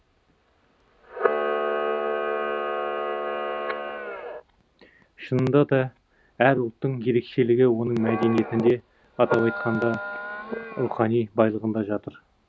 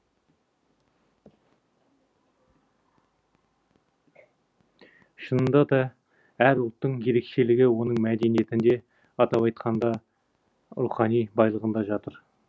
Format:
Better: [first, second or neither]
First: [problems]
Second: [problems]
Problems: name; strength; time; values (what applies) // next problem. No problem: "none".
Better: second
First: background sound (Camera); 6 dB below the speech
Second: none